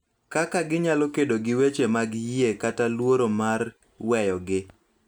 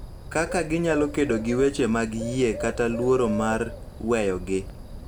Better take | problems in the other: first | background sound (Bird); 10 dB below the speech

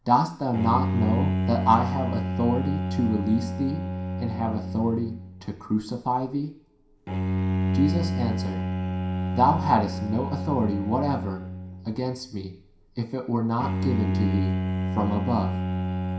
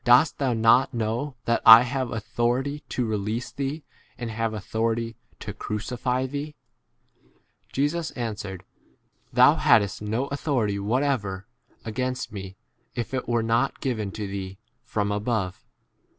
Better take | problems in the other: second | background sound (Bowed string instrument); 1 dB below the speech // room echo; dies away in 0.5 s

